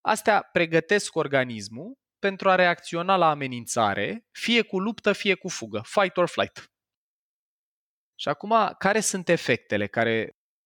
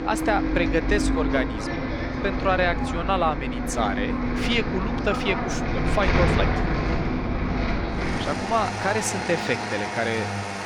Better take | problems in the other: first | traffic noise; very loud; throughout; as loud as the speech

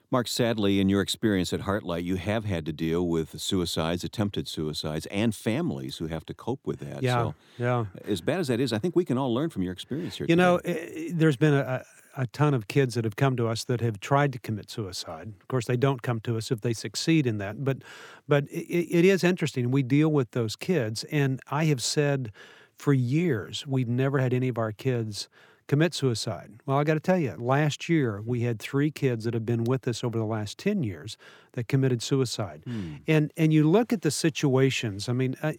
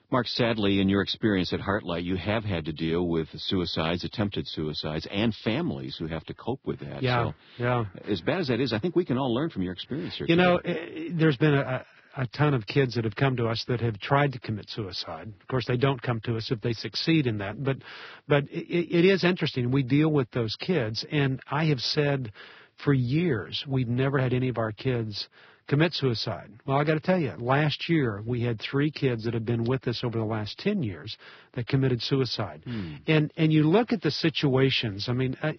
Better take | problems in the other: first | garbled, watery; badly; nothing above 5.5 kHz

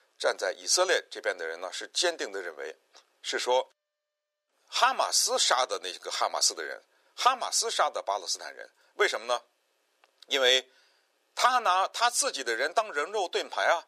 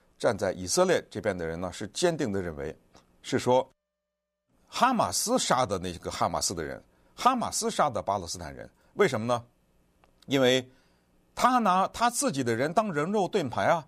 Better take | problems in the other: second | thin; very; fading below 400 Hz

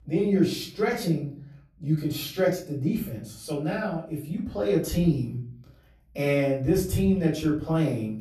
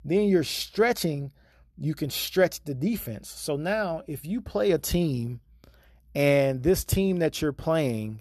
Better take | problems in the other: second | off-mic speech; far // room echo; slight; dies away in 0.4 s

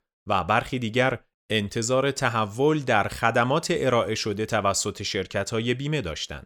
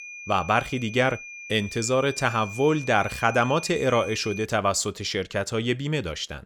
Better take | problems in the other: first | high-pitched whine; noticeable; until 4.5 s; 2.5 kHz, 10 dB below the speech

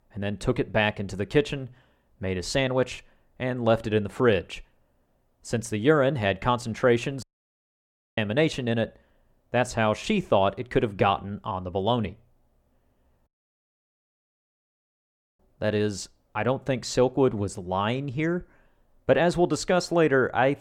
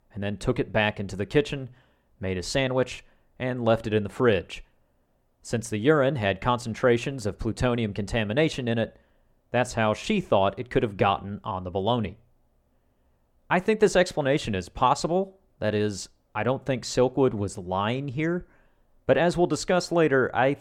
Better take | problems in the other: second | audio cutting out; at 7 s for 1 s and at 13 s for 2 s

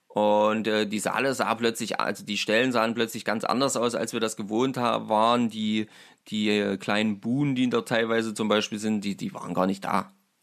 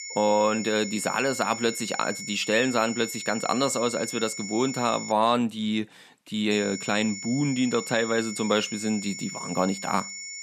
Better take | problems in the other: first | high-pitched whine; loud; until 5 s and from 6.5 s on; 7 kHz, 8 dB below the speech

